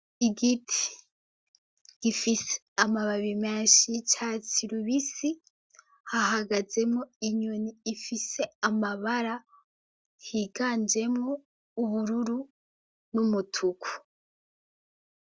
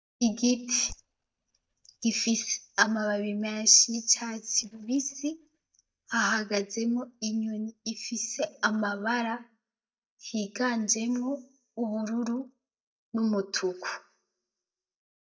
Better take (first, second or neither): first